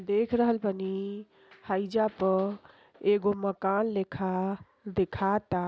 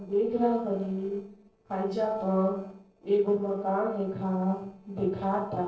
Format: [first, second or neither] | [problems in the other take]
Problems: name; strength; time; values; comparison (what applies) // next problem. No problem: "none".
first | noise reduction (neural separator model SepFormer DNS4)